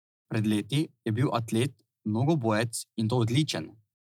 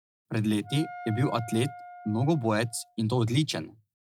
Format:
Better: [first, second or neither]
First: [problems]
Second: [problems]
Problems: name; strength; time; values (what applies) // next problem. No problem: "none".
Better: first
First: none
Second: background sound (Wind instrument, woodwind instrument); 16 dB below the speech